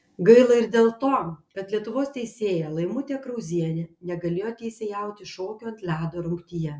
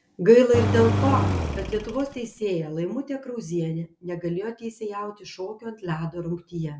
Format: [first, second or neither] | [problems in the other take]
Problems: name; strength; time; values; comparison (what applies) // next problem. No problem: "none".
first | background sound (Engine); as loud as the speech